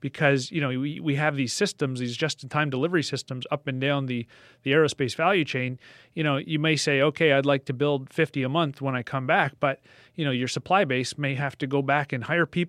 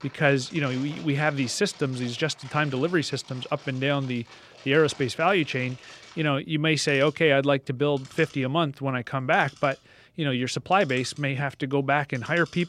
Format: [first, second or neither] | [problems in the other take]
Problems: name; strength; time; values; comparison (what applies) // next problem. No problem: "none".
first | household noises; faint; throughout; 20 dB below the speech